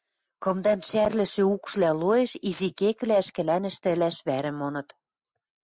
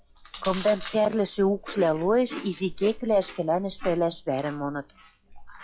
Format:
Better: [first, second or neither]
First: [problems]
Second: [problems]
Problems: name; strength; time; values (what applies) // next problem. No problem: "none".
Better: first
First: none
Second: noise reduction (classical method log-MMSE)